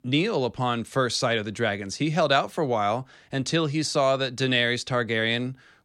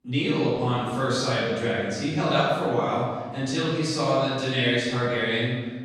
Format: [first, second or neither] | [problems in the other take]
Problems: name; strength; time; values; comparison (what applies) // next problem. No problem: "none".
first | off-mic speech; far // room echo; strong; dies away in 1.2 s